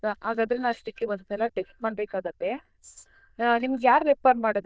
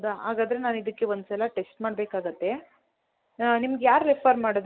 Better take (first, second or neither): second